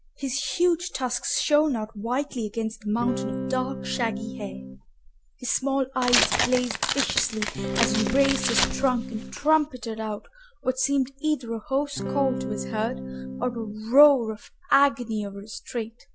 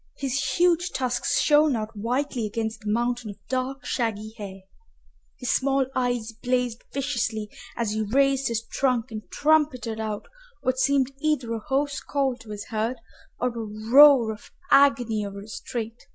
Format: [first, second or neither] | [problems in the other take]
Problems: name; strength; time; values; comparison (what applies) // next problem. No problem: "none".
second | background sound (Electric guitar / Strum + Tearing); 3 dB below the speech